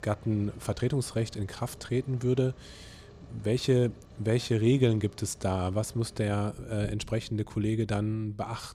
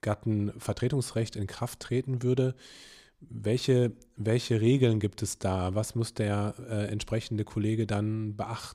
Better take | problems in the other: second | rain or running water; faint; throughout; 20 dB below the speech

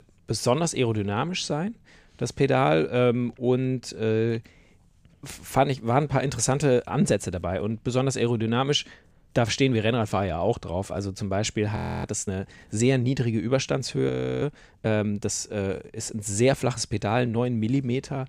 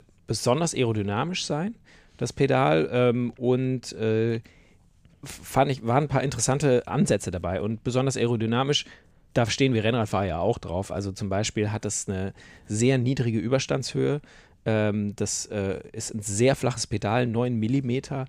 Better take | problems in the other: second | audio freezing; at 12 s and at 14 s

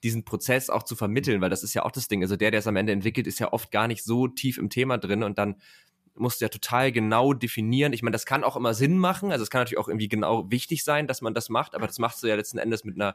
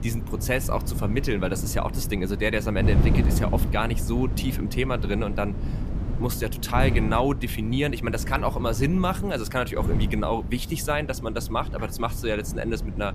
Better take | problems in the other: first | wind noise on the microphone; occasional gusts; 10 dB below the speech

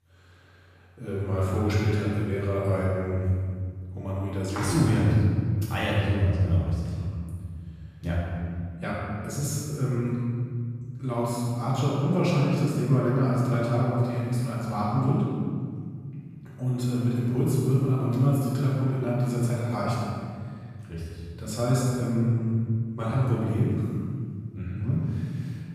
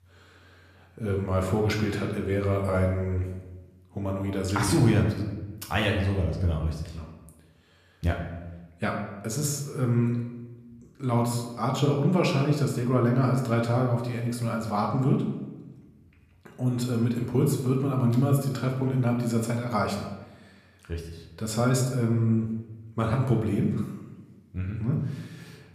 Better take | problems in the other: second | room echo; strong; dies away in 2.4 s; slight in the second // off-mic speech; far; somewhat distant in the second

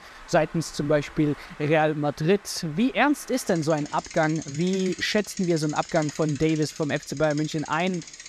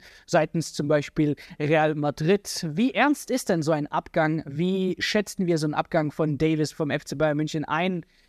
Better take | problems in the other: second | traffic noise; noticeable; throughout; 15 dB below the speech

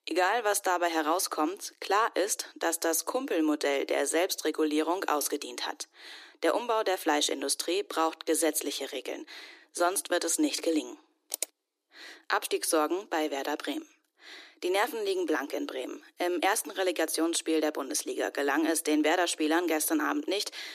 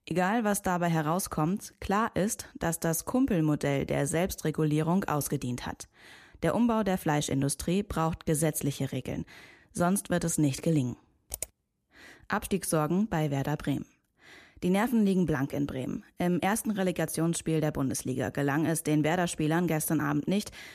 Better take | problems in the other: second | thin; somewhat; fading below 300 Hz

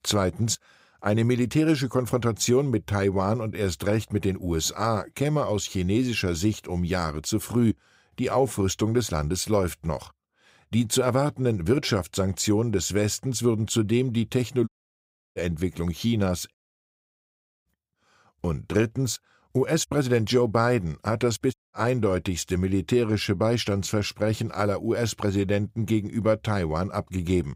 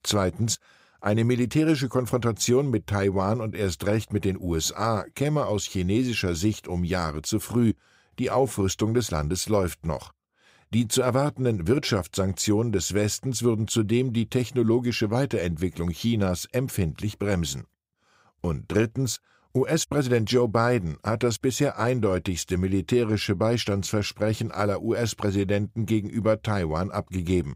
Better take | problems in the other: second | audio cutting out; at 15 s for 0.5 s, at 17 s for 1 s and at 22 s

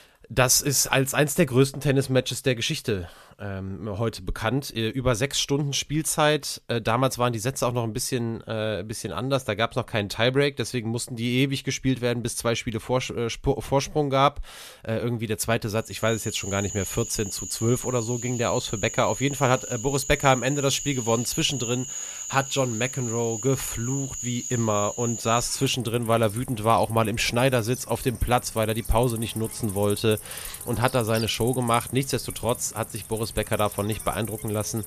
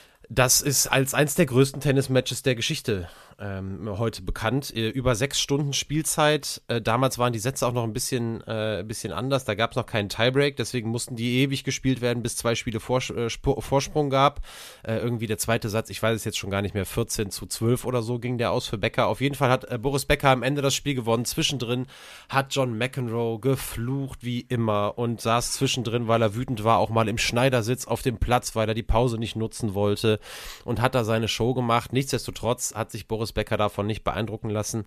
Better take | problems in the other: second | animal sounds; loud; from 16 s on; 9 dB below the speech

